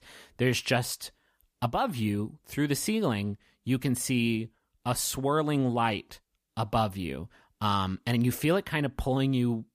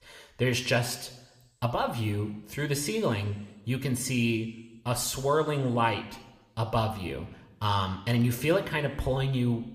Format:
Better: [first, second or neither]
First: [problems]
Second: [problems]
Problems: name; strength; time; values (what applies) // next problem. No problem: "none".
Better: first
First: none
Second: room echo; very slight; dies away in 0.8 s